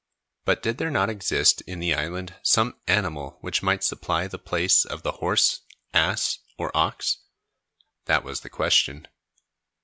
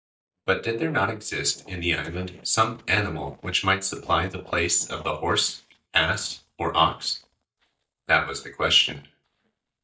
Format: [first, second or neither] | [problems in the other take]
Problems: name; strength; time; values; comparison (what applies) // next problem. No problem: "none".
first | noise reduction (neural mask model DeepFilterNet 3)